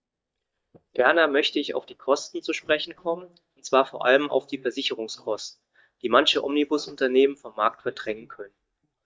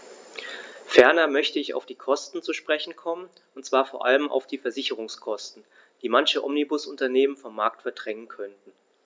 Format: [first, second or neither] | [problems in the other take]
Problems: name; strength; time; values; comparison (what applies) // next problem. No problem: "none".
second | noise reduction (neural mask model DeepFilterNet 3)